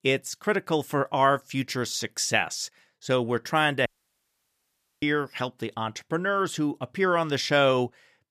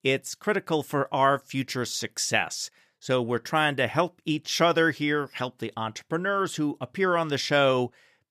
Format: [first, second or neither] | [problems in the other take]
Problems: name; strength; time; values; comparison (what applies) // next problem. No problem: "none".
second | audio cutting out; at 4 s for 1 s